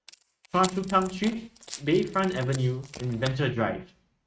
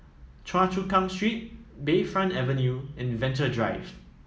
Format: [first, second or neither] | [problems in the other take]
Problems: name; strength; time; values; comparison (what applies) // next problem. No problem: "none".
second | noise reduction (neural mask model RNNoise)